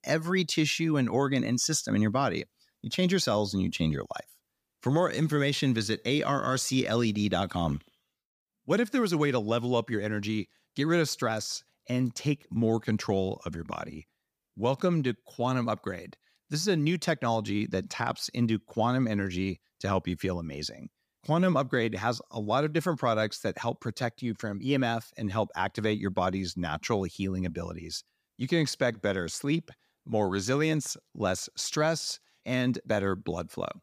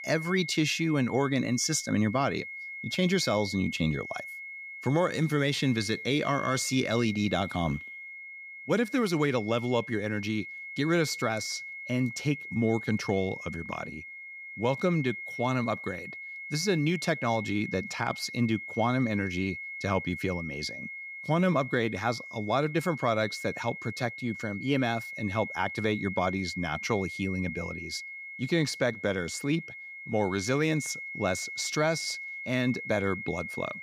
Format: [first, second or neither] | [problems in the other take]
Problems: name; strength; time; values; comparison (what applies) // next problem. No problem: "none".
first | high-pitched whine; loud; throughout; 2 kHz, 9 dB below the speech